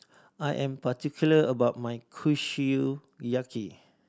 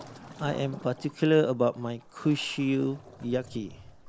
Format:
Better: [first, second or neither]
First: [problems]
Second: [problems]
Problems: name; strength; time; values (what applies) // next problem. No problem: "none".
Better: first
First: none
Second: background sound (Waves, surf); 19 dB below the speech